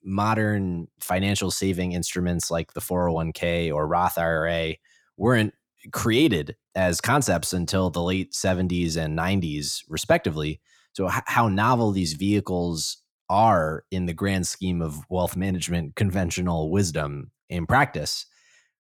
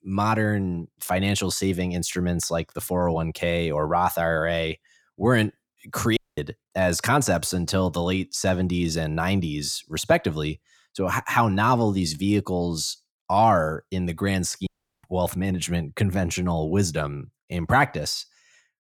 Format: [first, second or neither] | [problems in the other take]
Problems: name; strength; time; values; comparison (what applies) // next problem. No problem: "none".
first | audio cutting out; at 6 s and at 15 s